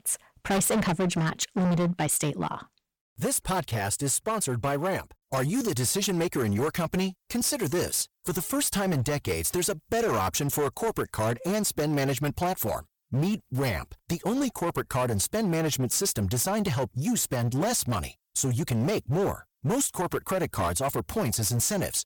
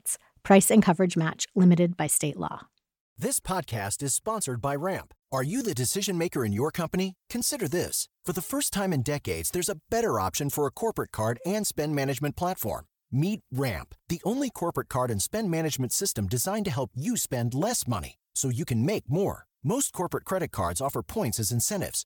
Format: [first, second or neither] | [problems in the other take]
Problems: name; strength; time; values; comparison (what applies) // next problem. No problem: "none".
second | distortion; heavy; 16% of the sound clipped